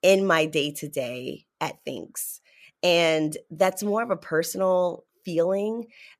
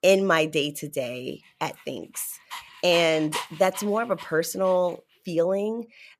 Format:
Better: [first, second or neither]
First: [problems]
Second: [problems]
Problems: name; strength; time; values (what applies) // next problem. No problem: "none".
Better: first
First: none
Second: dog barking; noticeable; from 2 to 4.5 s; peak 7 dB below the speech